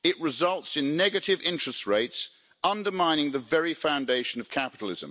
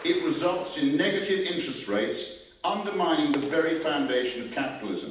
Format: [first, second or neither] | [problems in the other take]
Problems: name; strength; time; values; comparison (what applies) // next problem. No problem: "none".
first | background sound (Clapping); 20 dB below the speech // room echo; dies away in 0.8 s